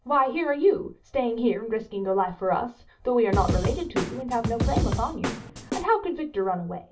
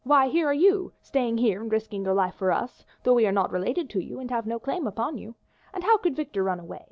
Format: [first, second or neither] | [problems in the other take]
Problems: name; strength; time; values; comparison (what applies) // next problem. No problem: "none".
second | background sound (Snare drum / Drum kit); 1 dB below the speech // room echo; dies away in 0.2 s